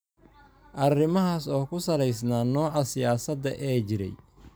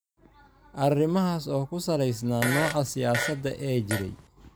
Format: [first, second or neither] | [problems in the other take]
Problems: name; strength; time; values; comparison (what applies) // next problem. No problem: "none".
first | background sound (Fart); 6 dB below the speech